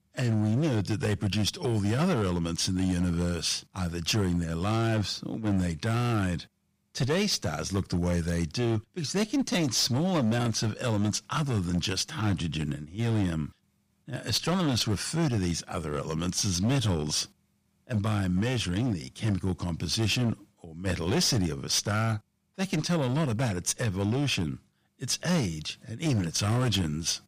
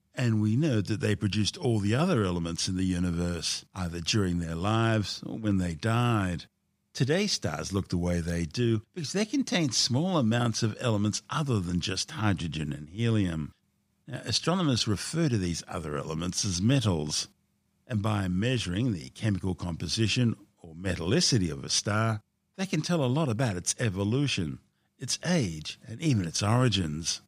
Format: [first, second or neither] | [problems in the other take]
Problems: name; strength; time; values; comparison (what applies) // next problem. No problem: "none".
second | distortion; slight; 9% of the sound clipped